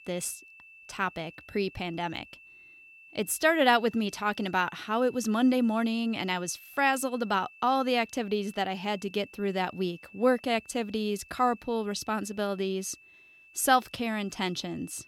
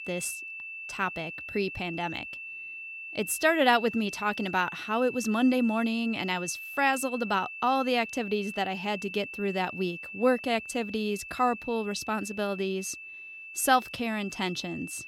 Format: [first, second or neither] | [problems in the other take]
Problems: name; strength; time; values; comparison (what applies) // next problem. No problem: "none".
first | high-pitched whine; loud; throughout; 2.5 kHz, 10 dB below the speech; faint in the first